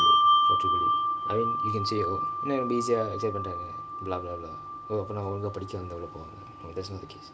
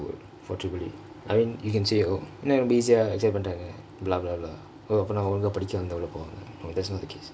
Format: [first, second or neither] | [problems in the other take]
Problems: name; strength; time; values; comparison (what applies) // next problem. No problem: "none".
second | background sound (Bell); 5 dB above the speech